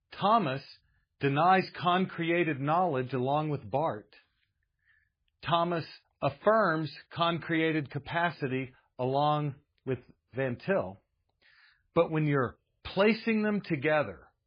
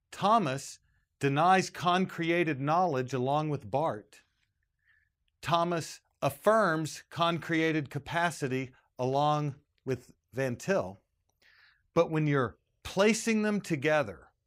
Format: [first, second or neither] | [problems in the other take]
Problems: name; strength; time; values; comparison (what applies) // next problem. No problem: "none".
second | garbled, watery; badly